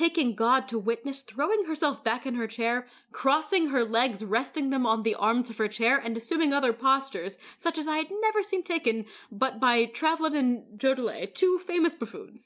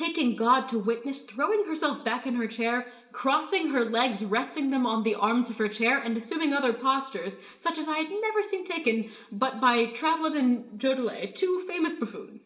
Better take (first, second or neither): first